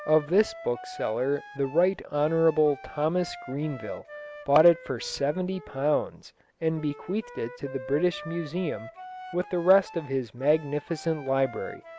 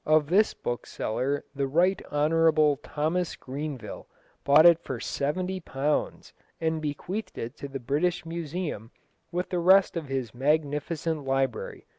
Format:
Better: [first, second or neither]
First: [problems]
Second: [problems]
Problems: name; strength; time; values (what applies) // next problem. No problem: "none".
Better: second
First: background sound (Wind instrument, woodwind instrument); 17 dB below the speech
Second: none